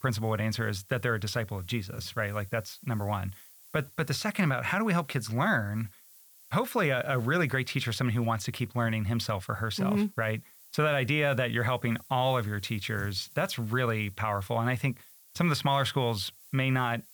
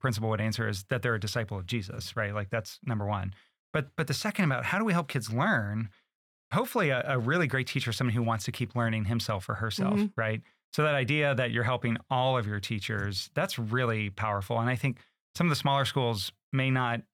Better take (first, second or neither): second